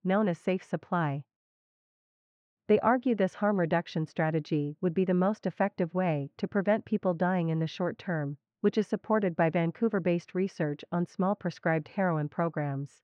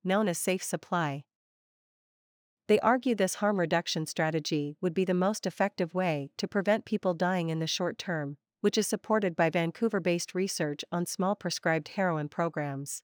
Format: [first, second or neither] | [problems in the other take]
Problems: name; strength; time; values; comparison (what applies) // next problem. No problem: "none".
second | muffled; very; fading above 2 kHz